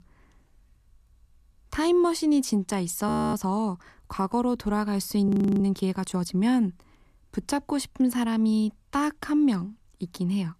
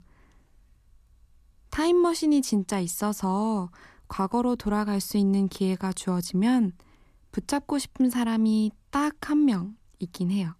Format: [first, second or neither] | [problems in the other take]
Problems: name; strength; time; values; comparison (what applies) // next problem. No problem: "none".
second | audio freezing; at 3 s and at 5.5 s